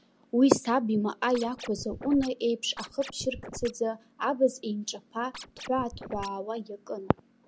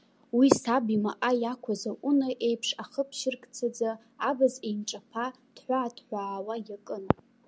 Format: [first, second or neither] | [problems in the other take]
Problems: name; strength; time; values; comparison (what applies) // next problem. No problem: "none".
second | background sound (Scratching (performance technique)); 13 dB below the speech